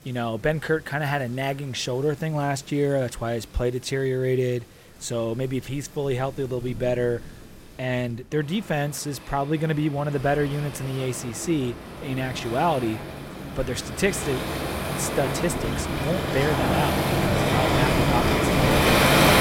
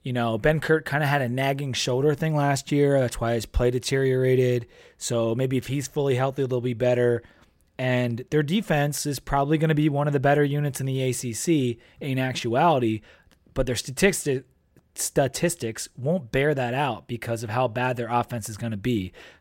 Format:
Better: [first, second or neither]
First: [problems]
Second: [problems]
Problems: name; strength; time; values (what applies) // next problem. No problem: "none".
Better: second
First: rain or running water; very loud; throughout; 3 dB above the speech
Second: none